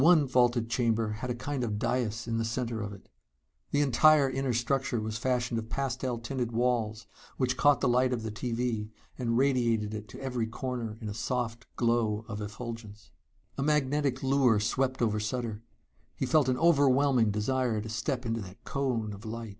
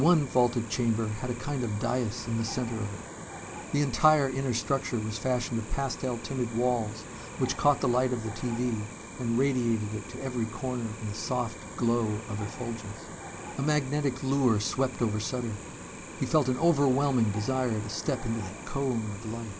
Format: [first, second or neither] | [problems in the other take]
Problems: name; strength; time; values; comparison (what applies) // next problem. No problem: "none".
first | background sound (Cricket); 12 dB below the speech